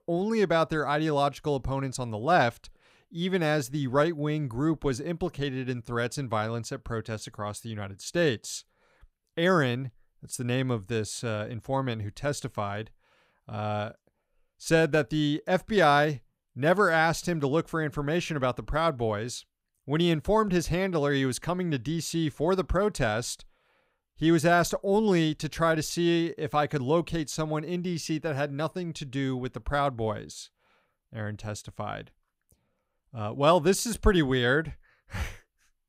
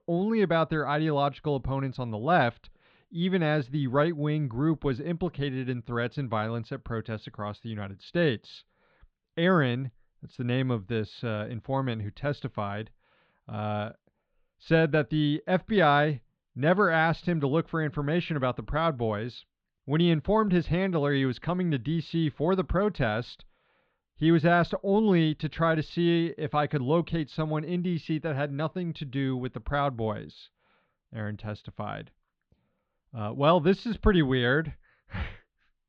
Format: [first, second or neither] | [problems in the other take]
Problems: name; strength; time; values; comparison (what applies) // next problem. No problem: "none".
first | muffled; slightly; fading above 4 kHz